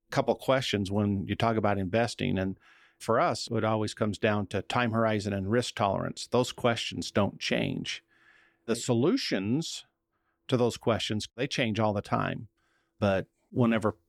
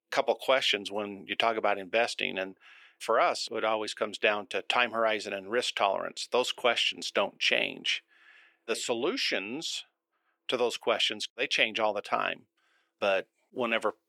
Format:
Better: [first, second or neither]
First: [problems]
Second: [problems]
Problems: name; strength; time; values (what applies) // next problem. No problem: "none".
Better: first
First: none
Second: thin; somewhat; fading below 500 Hz